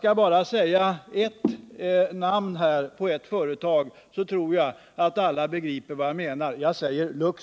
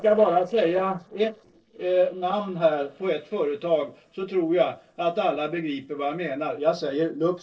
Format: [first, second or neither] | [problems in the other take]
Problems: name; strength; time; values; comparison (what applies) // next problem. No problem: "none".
first | noise reduction (neural separator model SepFormer DNS4)